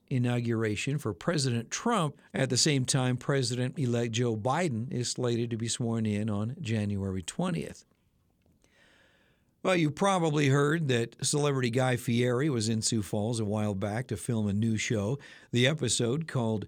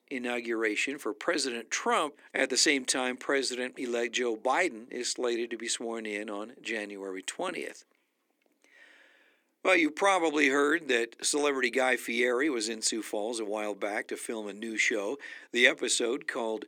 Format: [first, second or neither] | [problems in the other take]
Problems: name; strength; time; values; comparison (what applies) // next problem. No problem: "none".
first | thin; somewhat; fading below 300 Hz